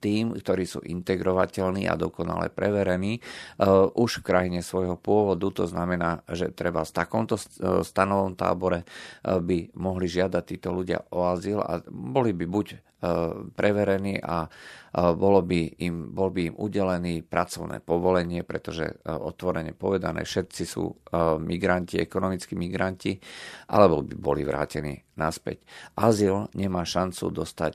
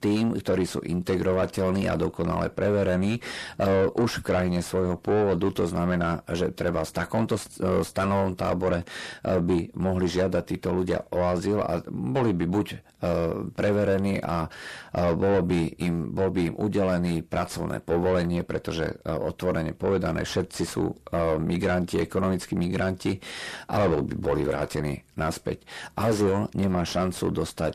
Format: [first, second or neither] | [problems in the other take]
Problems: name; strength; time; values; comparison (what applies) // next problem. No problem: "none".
first | distortion; heavy; 6 dB below the speech